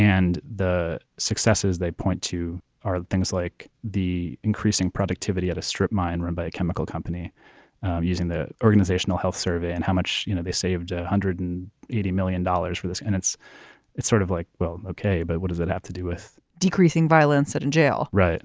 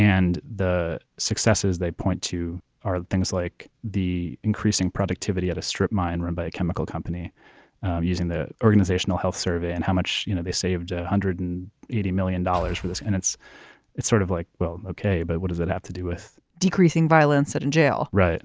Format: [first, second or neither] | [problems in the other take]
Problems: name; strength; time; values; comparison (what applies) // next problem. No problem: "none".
first | background sound (Engine / Car); 14 dB below the speech